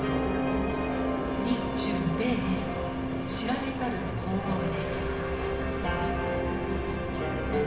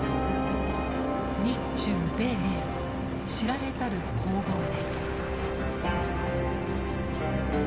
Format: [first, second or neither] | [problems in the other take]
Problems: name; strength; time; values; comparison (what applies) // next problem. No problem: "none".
second | room echo; dies away in 1.1 s